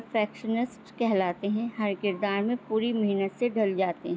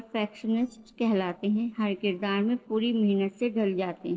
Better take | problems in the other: first | noise reduction (neural separator model SepFormer DNS4)

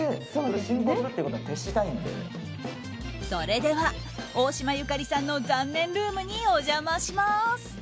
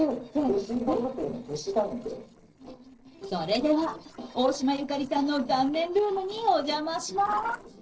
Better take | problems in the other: first | noise reduction (neural separator model SepFormer DNS4)

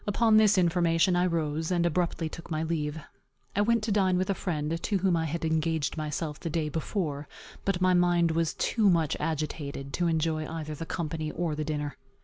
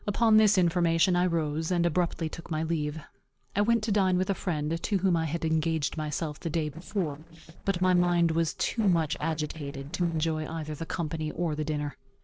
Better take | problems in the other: first | noise reduction (neural separator model SepFormer DNS4)

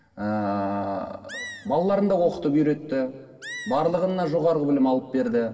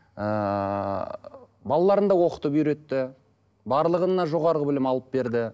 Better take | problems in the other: second | background sound (Animal); 18 dB below the speech // room echo; dies away in 2.7 s

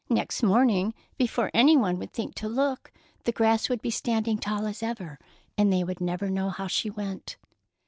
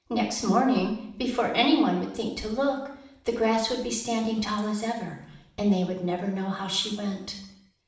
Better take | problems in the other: first | room echo; dies away in 0.7 s

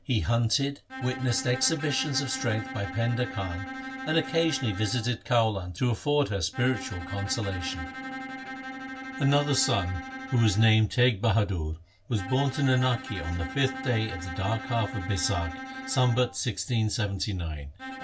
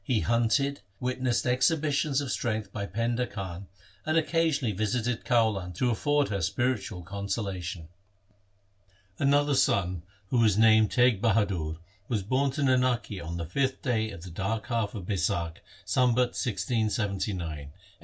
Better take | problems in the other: second | background sound (Bowed string instrument); 11 dB below the speech

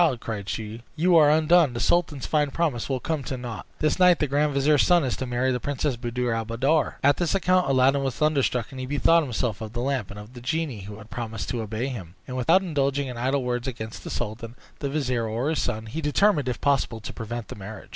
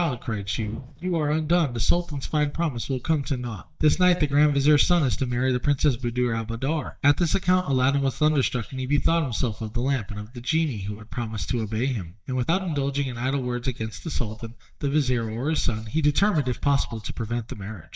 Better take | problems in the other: first | noise reduction (neural mask model DeepFilterNet 3)

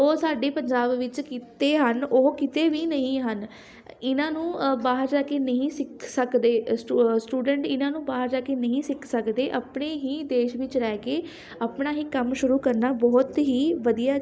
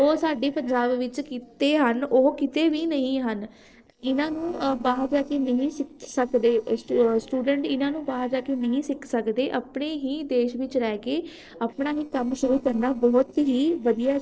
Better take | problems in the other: first | noise reduction (neural separator model SepFormer DNS4)

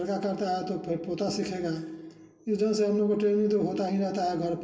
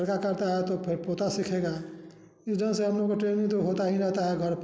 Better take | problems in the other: second | room echo; dies away in 0.2 s

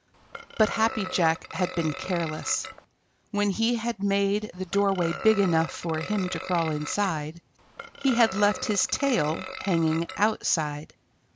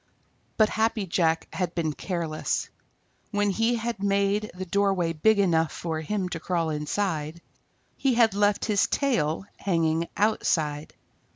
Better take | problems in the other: second | background sound (Burping, eructation); 11 dB below the speech

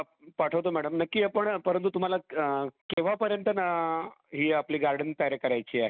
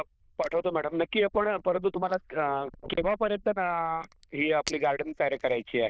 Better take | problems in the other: first | noise reduction (neural diffusion model UNIVERSE++)

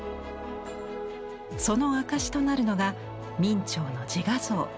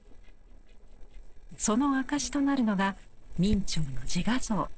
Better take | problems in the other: first | noise reduction (neural separator model SepFormer DNS4)

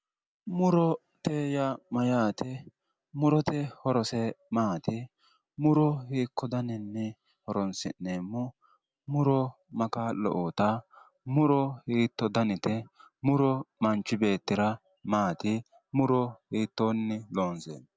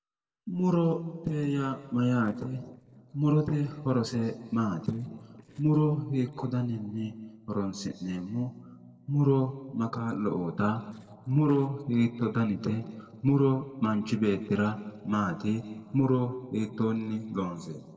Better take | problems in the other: first | noise reduction (neural separator model SepFormer DNS4)

